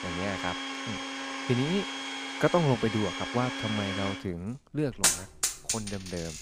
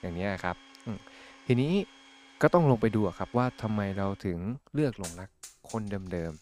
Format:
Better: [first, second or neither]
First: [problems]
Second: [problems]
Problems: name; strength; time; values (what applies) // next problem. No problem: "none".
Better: second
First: household noises; loud; throughout; 1 dB below the speech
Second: household noises; faint; throughout; 20 dB below the speech